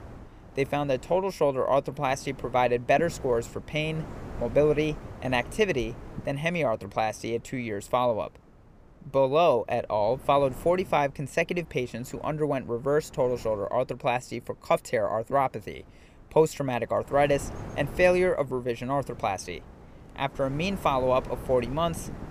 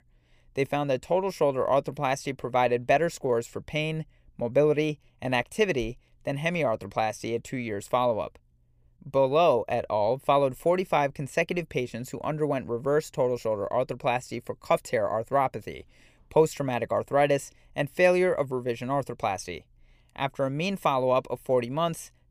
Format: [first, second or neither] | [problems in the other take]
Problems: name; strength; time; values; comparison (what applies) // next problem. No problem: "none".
second | wind noise on the microphone; occasional gusts; 20 dB below the speech